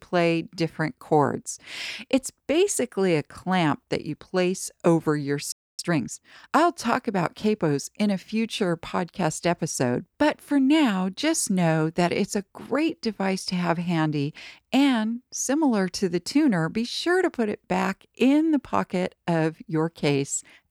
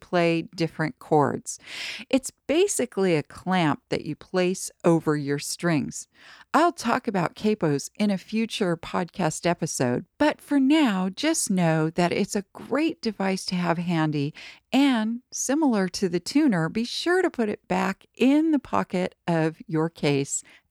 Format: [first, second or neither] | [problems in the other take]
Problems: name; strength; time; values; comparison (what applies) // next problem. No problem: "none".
second | audio freezing; at 5.5 s